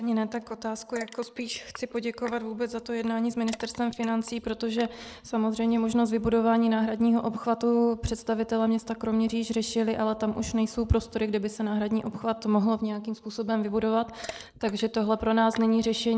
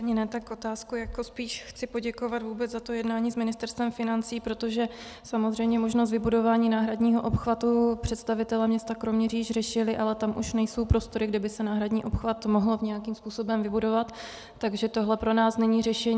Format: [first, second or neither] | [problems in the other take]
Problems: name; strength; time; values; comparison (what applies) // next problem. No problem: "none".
second | noise reduction (neural mask model Resemble Enhance denoiser)